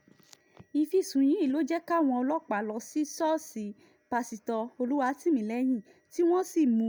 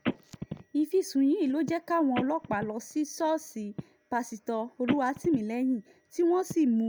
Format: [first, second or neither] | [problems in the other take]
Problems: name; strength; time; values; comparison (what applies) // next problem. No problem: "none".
first | background sound (Telephone); 11 dB below the speech